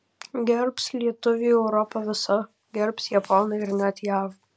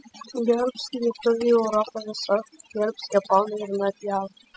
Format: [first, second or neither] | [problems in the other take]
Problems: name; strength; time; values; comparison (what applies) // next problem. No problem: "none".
first | noise reduction (classical method spectral subtraction)